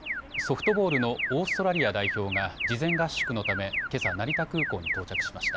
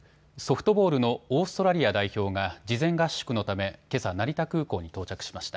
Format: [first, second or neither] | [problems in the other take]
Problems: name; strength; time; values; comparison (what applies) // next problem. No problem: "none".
second | background sound (Alarm); 2 dB below the speech